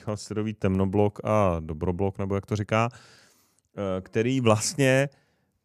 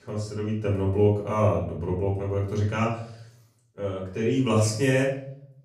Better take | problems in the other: first | off-mic speech; far // room echo; noticeable; dies away in 0.5 s

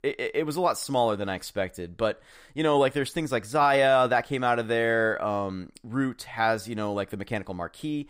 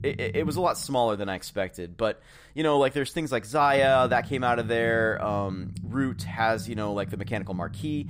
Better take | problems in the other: first | low rumble; faint; throughout; 20 dB below the speech

